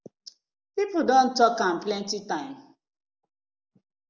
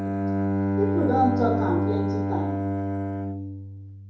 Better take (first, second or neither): first